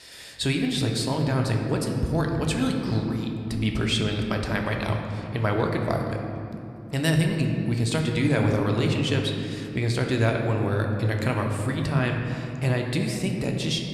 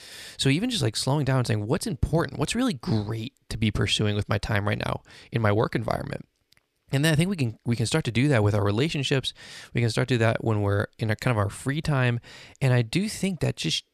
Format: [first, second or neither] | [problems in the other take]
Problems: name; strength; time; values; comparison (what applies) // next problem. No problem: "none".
second | room echo; slight; dies away in 2.6 s